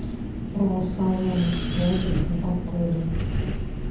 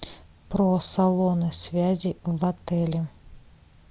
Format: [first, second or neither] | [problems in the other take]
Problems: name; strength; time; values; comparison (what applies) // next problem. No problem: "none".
second | background sound (Wind); 1 dB below the speech // room echo; dies away in 0.8 s